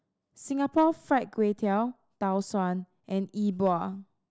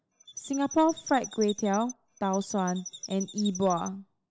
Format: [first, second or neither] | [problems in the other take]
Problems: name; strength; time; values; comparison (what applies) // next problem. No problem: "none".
first | background sound (Chirp, tweet); 14 dB below the speech